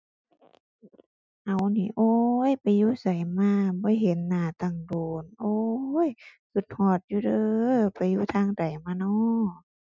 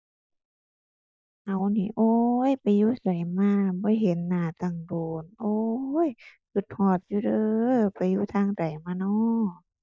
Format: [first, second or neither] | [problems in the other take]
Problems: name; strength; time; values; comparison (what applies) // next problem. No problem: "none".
first | noise reduction (neural mask model DeepFilterNet 3)